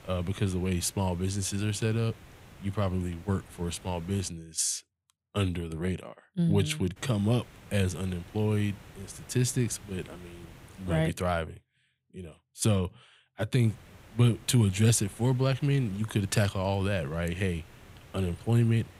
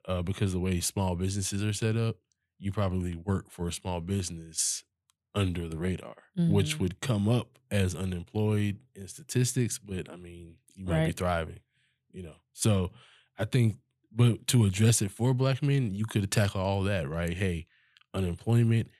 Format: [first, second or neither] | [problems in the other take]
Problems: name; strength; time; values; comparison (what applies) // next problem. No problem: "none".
second | hiss; faint; until 4.5 s, from 7 to 11 s and from 14 s on; 20 dB below the speech